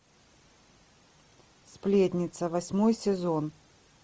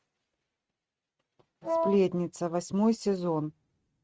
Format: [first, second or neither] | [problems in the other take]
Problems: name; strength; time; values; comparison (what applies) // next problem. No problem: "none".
first | noise reduction (neural mask model RNNoise)